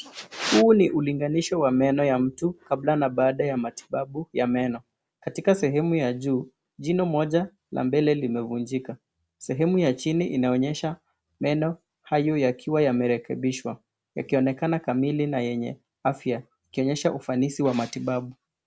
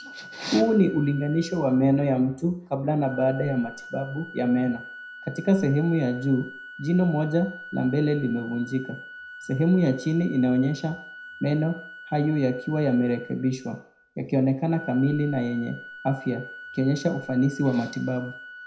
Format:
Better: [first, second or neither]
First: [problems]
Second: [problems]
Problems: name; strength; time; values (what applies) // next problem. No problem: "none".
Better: first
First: none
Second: background sound (Organ); 17 dB below the speech // room echo; dies away in 0.5 s